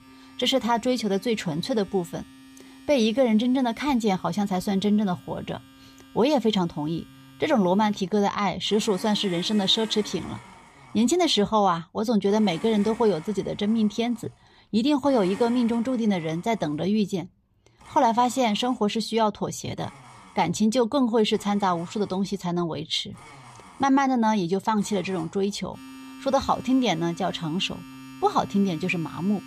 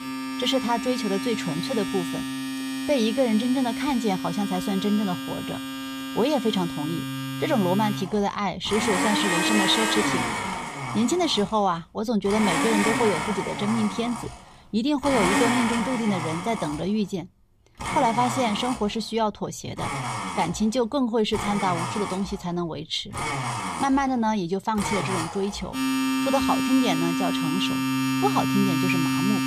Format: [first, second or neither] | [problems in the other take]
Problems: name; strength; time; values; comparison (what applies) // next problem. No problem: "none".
first | household noises; loud; throughout; 2 dB below the speech; faint in the first